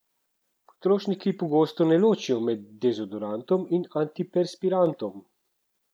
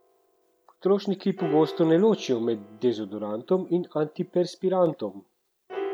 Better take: first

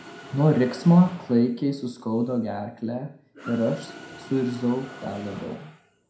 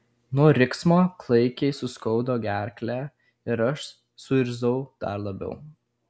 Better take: second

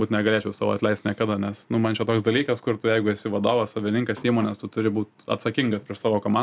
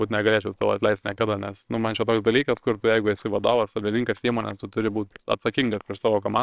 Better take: first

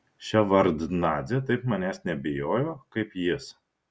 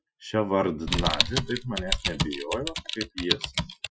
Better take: first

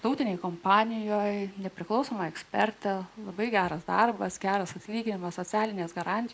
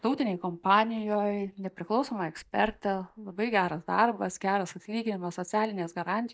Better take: first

